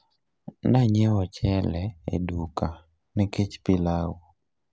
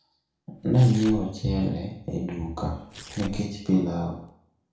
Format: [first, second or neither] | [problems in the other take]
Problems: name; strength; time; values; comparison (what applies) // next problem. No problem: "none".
first | background sound (Tearing); 18 dB below the speech // room echo; dies away in 0.5 s